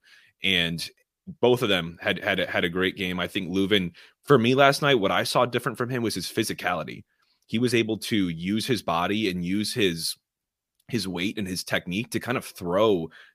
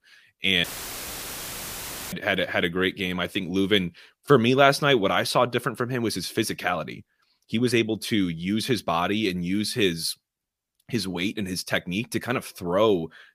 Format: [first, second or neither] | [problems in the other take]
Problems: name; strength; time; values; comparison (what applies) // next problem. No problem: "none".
first | audio cutting out; filled with static; at 0.5 s for 1.5 s